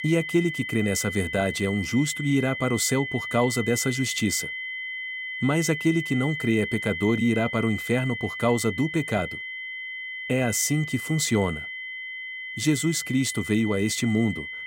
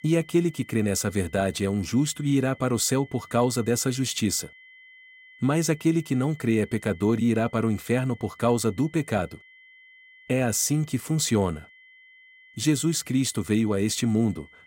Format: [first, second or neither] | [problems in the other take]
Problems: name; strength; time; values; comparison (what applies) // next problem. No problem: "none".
second | high-pitched whine; loud; throughout; 2 kHz, 7 dB below the speech; faint in the second